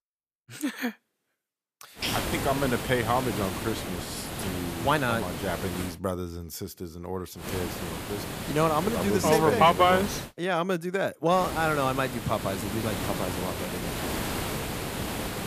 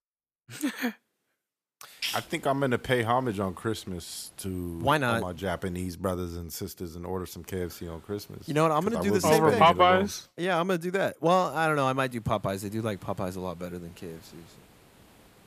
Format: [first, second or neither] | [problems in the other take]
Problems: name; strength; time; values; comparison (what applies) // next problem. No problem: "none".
second | hiss; loud; from 2 to 6 s, from 7.5 to 10 s and from 11 s on; 6 dB below the speech; faint in the second